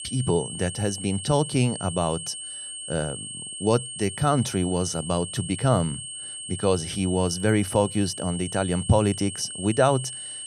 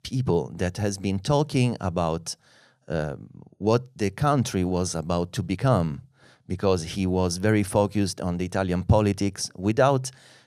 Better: second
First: high-pitched whine; loud; throughout; 8.5 kHz, 8 dB below the speech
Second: none

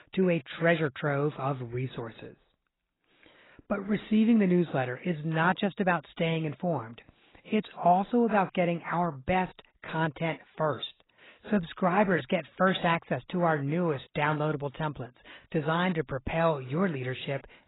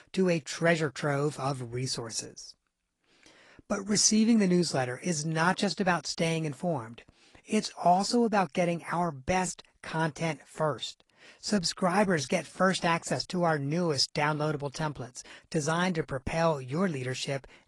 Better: second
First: garbled, watery; badly; nothing above 4 kHz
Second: garbled, watery; slightly; nothing above 10 kHz

